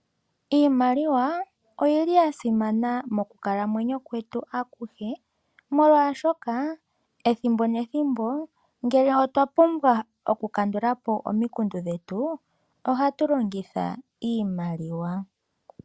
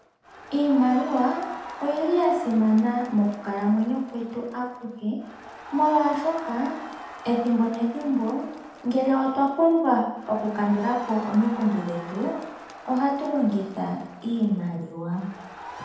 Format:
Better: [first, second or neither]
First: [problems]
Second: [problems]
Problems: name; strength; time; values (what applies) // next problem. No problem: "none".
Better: first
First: none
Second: background sound (Crowd); 16 dB below the speech // room echo; dies away in 0.8 s